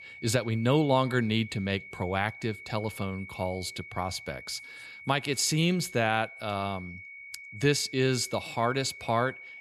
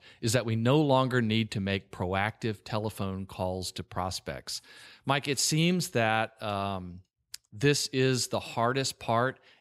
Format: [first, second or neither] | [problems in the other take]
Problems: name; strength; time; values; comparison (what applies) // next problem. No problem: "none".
second | high-pitched whine; noticeable; throughout; 2 kHz, 15 dB below the speech